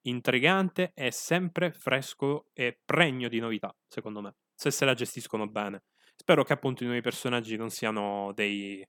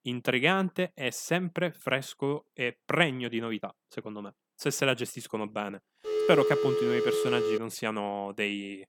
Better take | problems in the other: first | phone ringing; loud; from 6 to 7.5 s; peak 3 dB above the speech

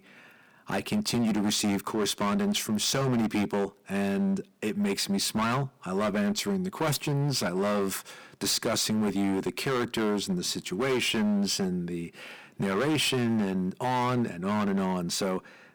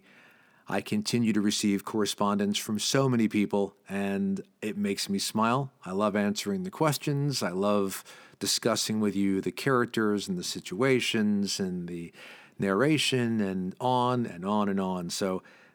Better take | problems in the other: second | distortion; heavy; 16% of the sound clipped

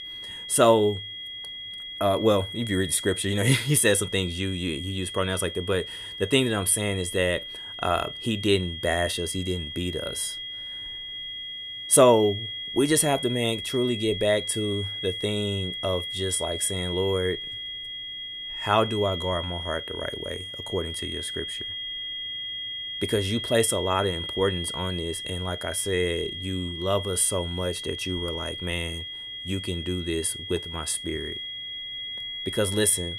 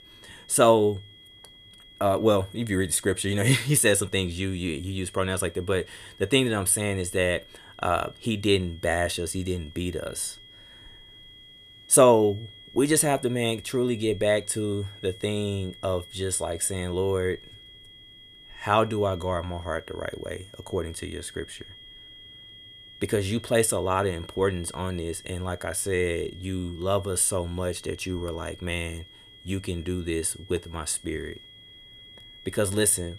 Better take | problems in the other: second | high-pitched whine; loud; throughout; 3.5 kHz, 7 dB below the speech; faint in the second

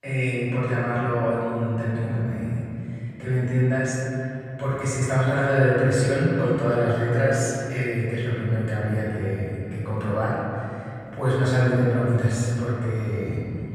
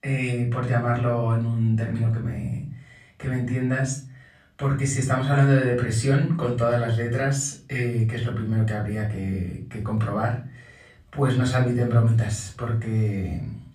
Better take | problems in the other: second | room echo; strong; dies away in 2.9 s; slight in the second // off-mic speech; far; far in the second

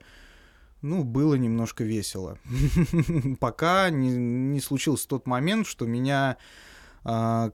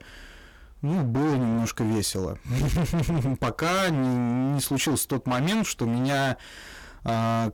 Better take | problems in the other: first | distortion; heavy; 28% of the sound clipped

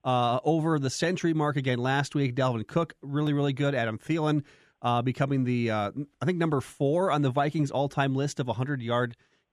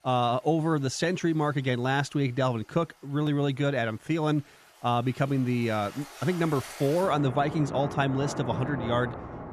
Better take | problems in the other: first | rain or running water; noticeable; throughout; 10 dB below the speech

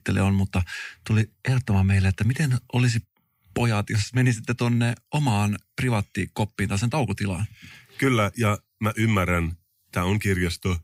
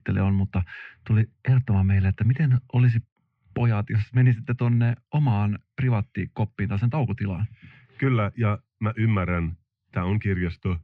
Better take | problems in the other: first | muffled; very; fading above 2.5 kHz

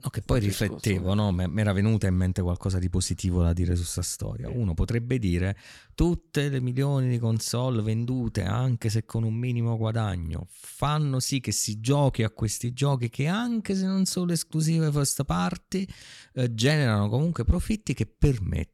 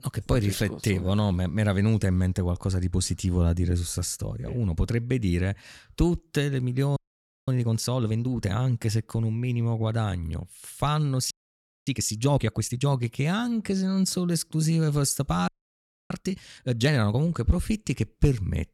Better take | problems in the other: first | audio freezing; at 7 s for 0.5 s, at 11 s for 0.5 s and at 15 s for 0.5 s

